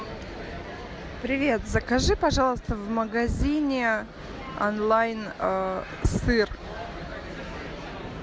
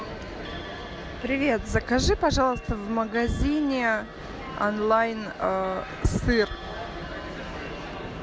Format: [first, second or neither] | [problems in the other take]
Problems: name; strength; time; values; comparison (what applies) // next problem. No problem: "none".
first | background sound (Clock); 17 dB below the speech